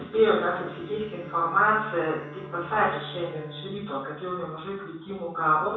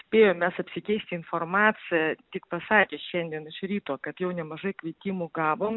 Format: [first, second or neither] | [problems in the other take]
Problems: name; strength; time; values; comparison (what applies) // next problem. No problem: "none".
second | background sound (Bowed string instrument); 17 dB below the speech // room echo; dies away in 0.7 s